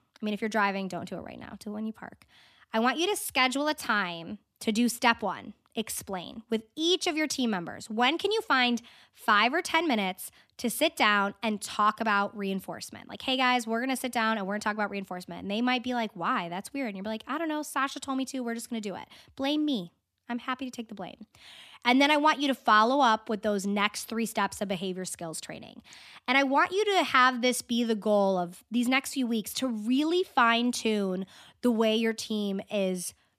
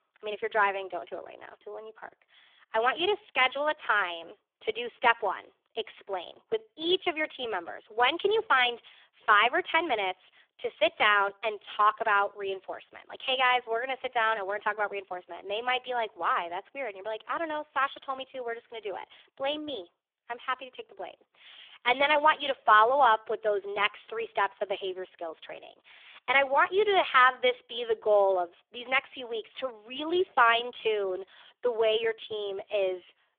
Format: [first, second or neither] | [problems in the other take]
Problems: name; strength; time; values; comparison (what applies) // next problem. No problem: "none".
first | phone-call audio; poor line; nothing above 3.5 kHz